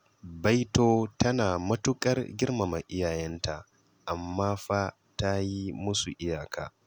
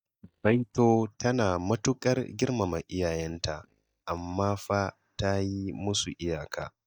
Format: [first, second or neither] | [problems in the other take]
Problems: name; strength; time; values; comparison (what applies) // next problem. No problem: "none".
first | noise reduction (neural mask model DeepFilterNet 3)